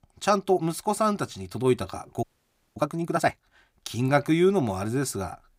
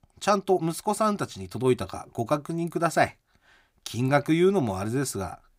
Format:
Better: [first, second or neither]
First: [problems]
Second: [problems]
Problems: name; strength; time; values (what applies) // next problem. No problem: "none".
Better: second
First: audio freezing; at 2 s for 0.5 s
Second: none